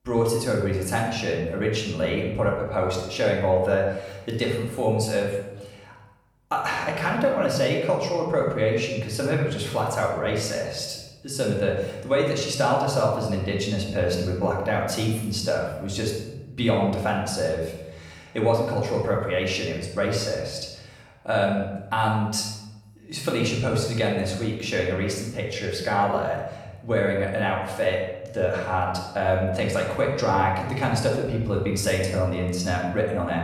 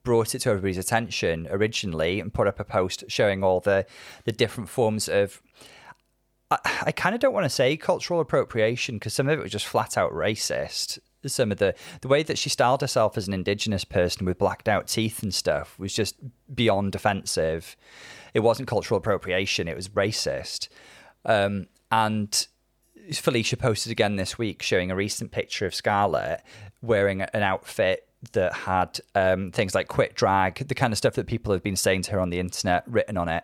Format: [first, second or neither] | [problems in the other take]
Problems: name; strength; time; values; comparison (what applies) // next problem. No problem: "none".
second | off-mic speech; far // room echo; noticeable; dies away in 1 s